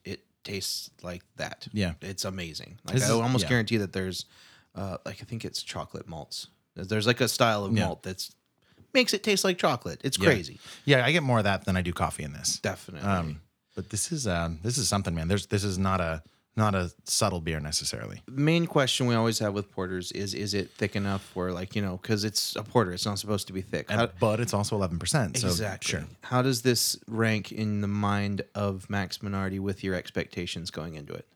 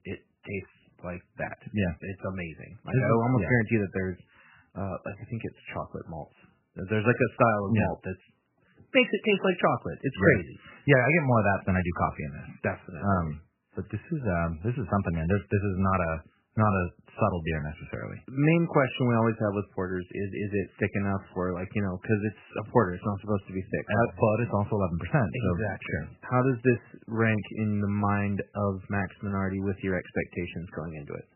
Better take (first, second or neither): first